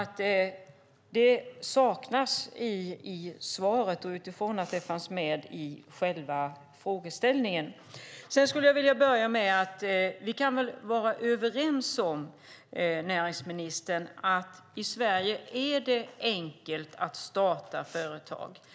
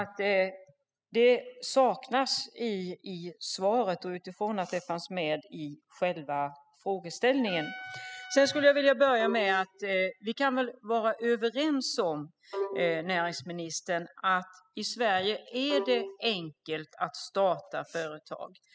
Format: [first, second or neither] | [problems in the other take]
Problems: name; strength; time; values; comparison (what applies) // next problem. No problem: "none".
first | noise reduction (classical method spectral subtraction)